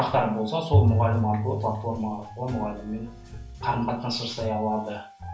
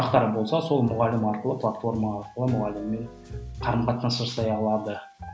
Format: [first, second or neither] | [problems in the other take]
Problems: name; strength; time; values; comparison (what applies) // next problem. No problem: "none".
second | background sound (Bowed string instrument); 2 dB above the speech // room echo; dies away in 0.2 s